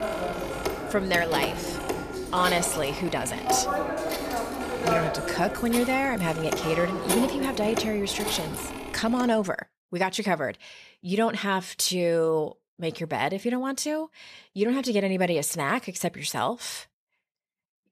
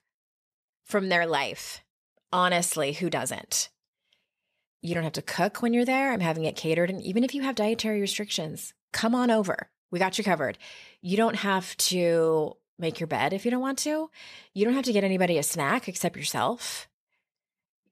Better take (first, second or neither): second